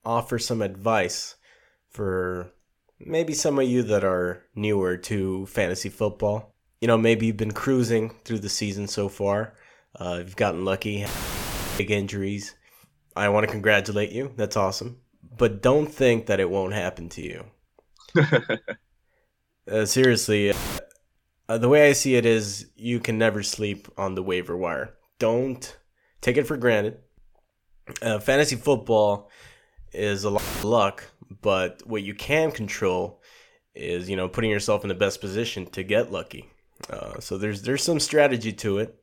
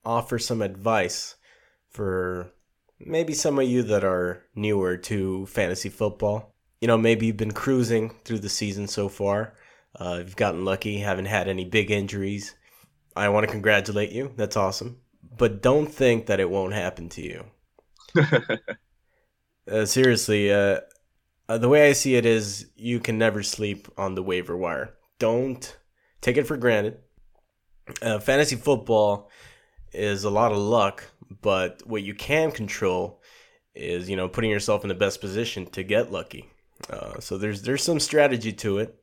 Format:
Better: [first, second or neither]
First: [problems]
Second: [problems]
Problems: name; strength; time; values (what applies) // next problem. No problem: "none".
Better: second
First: audio cutting out; filled with static; at 11 s for 0.5 s, at 21 s and at 30 s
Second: none